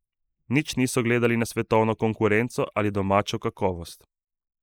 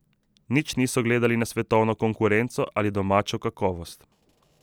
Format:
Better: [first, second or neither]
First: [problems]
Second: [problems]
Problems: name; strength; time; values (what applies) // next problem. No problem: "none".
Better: second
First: noise reduction (neural mask model Resemble Enhance denoiser)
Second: none